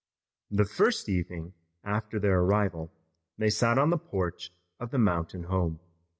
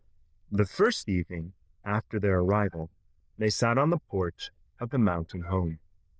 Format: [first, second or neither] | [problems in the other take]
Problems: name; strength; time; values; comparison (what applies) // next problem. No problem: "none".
first | noise reduction (neural diffusion model UNIVERSE++)